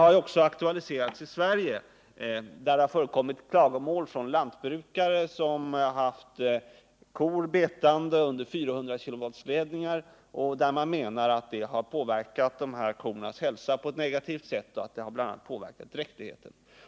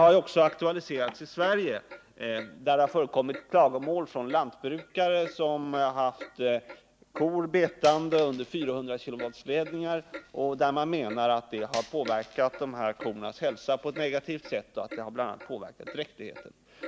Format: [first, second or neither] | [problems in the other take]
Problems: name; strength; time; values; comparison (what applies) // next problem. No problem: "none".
first | background sound (Coin (dropping) + Clock); 19 dB below the speech